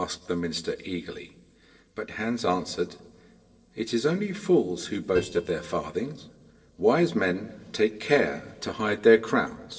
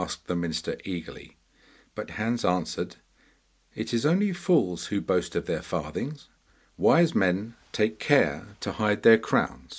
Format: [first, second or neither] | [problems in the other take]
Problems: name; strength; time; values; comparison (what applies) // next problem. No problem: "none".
second | noise reduction (neural separator model SepFormer DNS4)